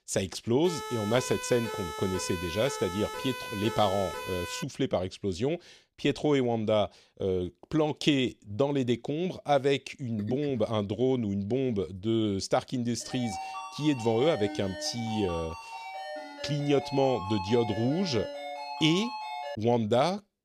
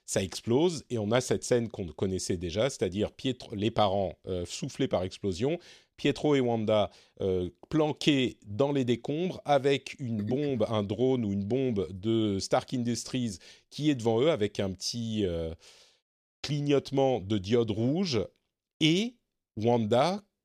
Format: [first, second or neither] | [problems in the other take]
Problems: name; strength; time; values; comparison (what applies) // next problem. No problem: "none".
second | siren; noticeable; from 0.5 to 4.5 s; peak 7 dB below the speech // phone ringing; noticeable; from 13 to 20 s; peak 7 dB below the speech